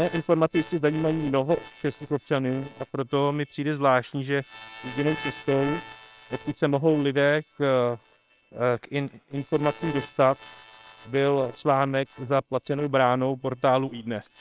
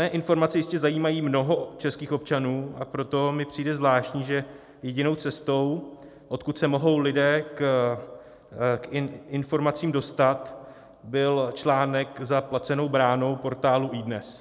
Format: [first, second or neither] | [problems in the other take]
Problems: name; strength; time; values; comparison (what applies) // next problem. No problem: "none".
second | noise reduction (neural separator model SepFormer WHAM!)